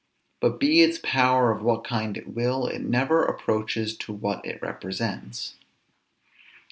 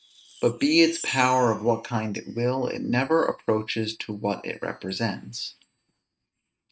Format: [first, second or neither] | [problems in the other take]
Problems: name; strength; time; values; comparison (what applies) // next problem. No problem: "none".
first | noise reduction (neural mask model RNNoise)